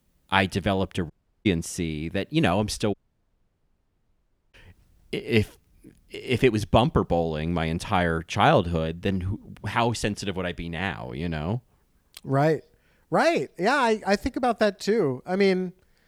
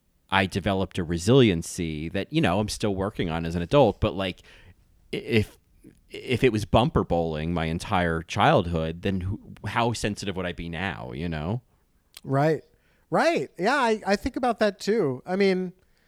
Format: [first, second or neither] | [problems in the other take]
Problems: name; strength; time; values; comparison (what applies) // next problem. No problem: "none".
second | audio cutting out; at 1 s and at 3 s for 1.5 s